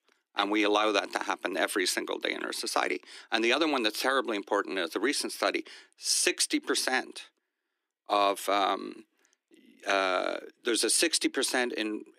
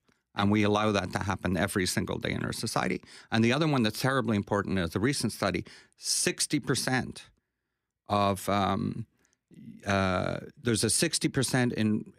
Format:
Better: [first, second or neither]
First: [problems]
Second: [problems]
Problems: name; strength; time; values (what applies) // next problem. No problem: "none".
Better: second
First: thin; somewhat; fading below 300 Hz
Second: none